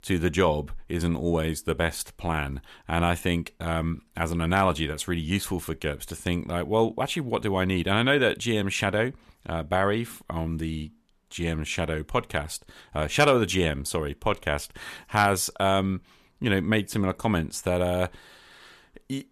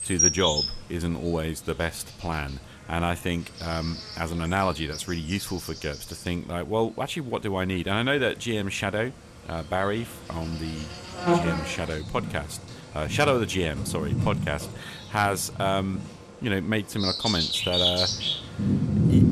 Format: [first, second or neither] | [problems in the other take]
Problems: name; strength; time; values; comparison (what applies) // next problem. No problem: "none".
first | animal sounds; very loud; throughout; 1 dB above the speech